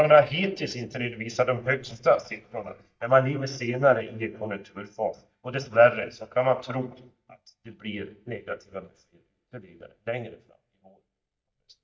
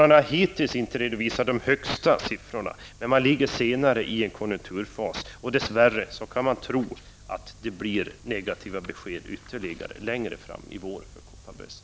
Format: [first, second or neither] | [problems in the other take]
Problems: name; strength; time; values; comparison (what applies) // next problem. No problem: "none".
second | noise reduction (neural mask model DeepFilterNet 3)